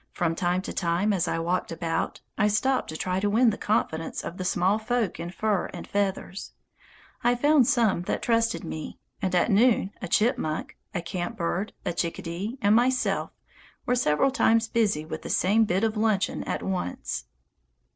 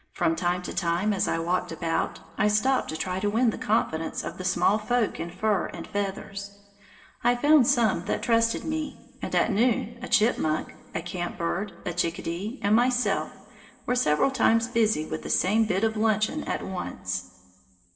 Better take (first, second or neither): first